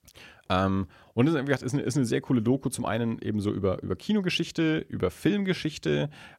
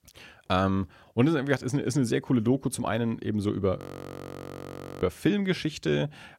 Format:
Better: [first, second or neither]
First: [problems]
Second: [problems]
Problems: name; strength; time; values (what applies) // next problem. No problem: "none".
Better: first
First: none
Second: audio freezing; at 4 s for 1 s